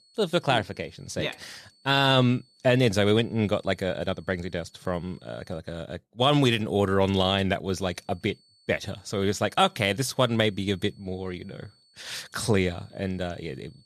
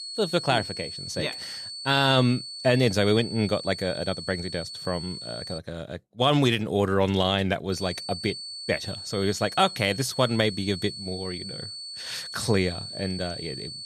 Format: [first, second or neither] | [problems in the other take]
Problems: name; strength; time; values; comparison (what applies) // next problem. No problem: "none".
first | high-pitched whine; loud; until 5.5 s and from 7.5 s on; 4.5 kHz, 9 dB below the speech; faint in the first